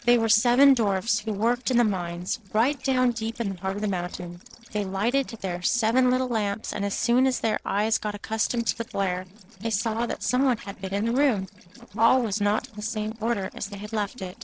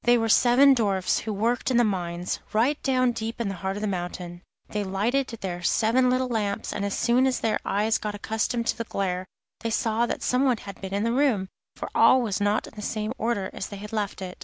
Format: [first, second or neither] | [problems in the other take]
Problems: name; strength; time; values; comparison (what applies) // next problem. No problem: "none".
second | noise reduction (neural separator model SepFormer DNS4)